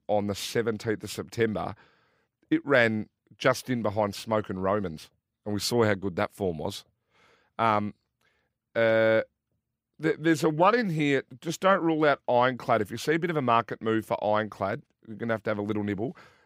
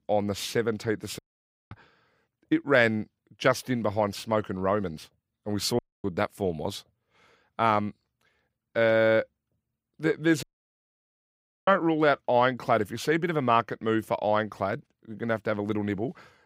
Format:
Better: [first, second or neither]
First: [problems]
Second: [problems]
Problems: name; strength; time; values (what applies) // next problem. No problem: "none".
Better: first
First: none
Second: audio cutting out; at 1 s for 0.5 s, at 6 s and at 10 s for 1 s